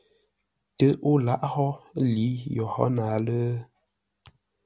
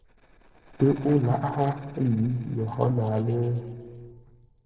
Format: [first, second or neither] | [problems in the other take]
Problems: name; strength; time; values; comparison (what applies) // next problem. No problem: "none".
first | noise reduction (neural separator model SepFormer DNS4)